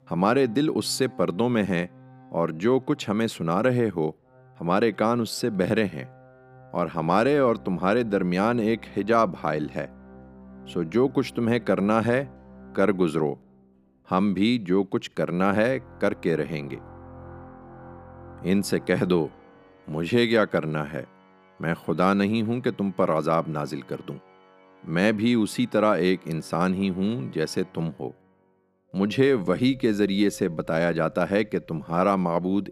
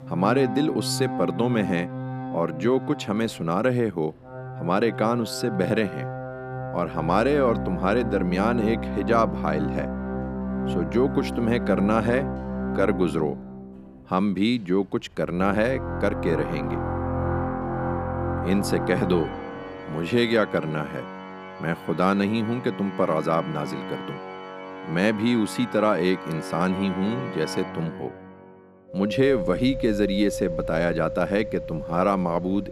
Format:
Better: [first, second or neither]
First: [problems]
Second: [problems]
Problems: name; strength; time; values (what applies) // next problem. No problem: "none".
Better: first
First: background music; faint; throughout; 25 dB below the speech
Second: background music; loud; throughout; 7 dB below the speech